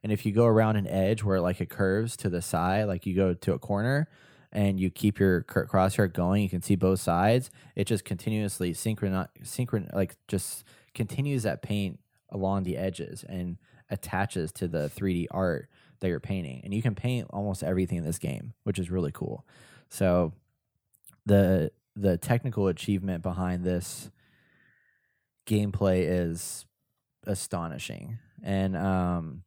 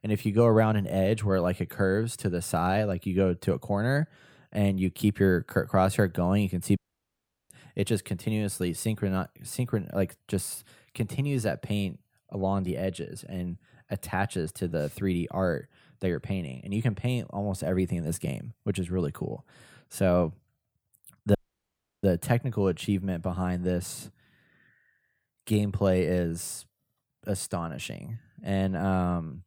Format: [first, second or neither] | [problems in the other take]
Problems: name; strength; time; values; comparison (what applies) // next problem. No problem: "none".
first | audio cutting out; at 7 s for 0.5 s and at 21 s for 0.5 s